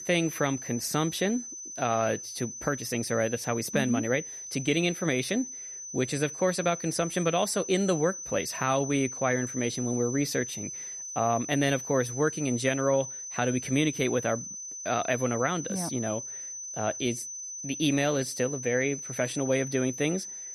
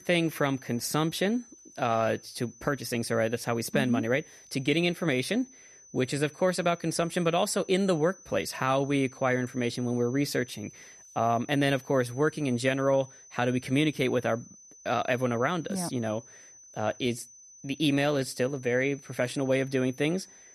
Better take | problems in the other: second | high-pitched whine; loud; throughout; 6 kHz, 8 dB below the speech; faint in the second

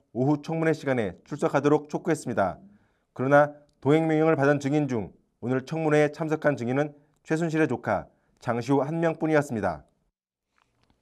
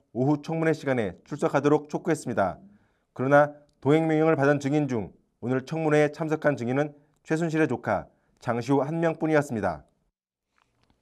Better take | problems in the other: neither | none

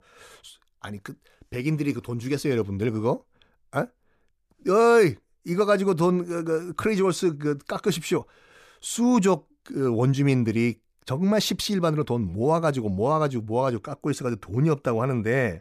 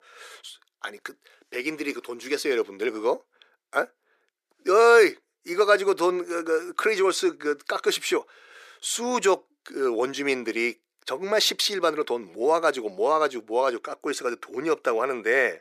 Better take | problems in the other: first | thin; very; fading below 350 Hz

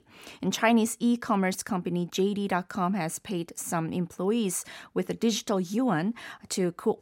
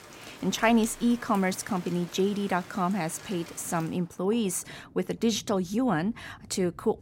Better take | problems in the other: first | rain or running water; noticeable; throughout; 20 dB below the speech

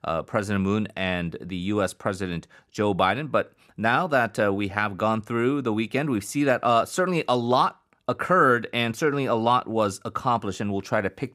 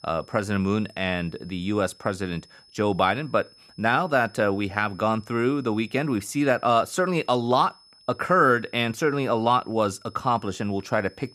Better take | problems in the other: first | high-pitched whine; faint; throughout; 5 kHz, 25 dB below the speech

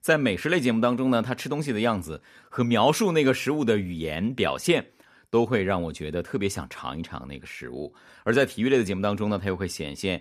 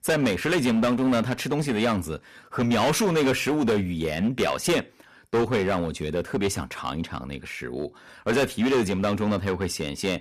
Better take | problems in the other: first | distortion; heavy; 12% of the sound clipped

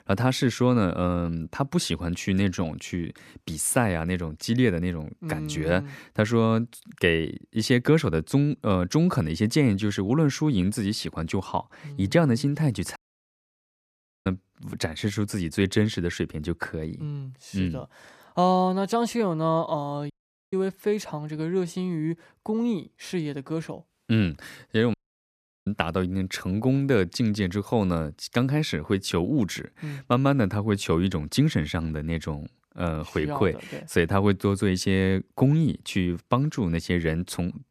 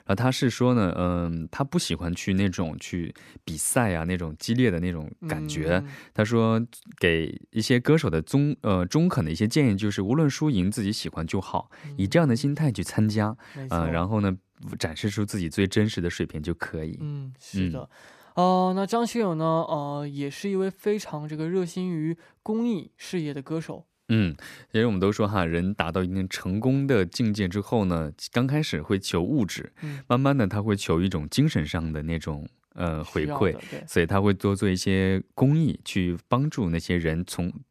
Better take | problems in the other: second | audio cutting out; at 13 s for 1.5 s, at 20 s and at 25 s for 0.5 s

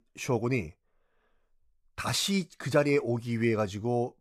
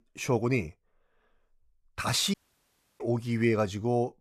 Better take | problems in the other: first | audio cutting out; at 2.5 s for 0.5 s

